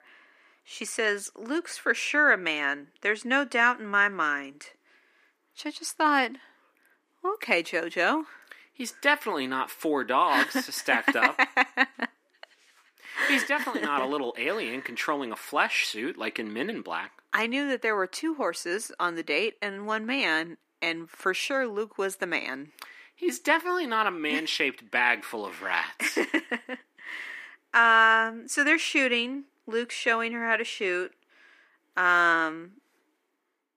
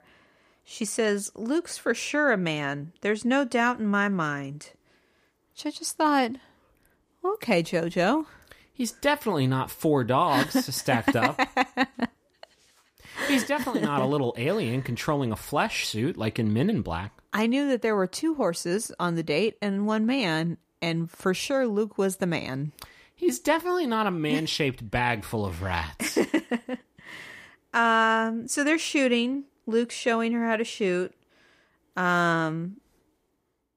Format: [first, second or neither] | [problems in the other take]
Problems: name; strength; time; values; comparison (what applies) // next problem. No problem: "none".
second | thin; somewhat; fading below 300 Hz